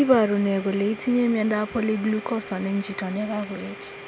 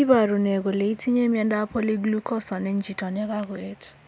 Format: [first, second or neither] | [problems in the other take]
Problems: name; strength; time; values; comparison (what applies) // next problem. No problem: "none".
second | background sound (Domestic sounds, home sounds); 16 dB below the speech